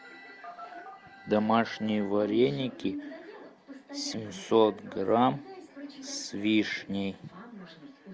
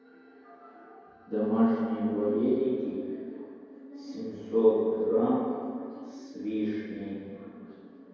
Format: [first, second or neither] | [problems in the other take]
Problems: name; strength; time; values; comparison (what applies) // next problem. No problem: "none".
first | room echo; dies away in 2.2 s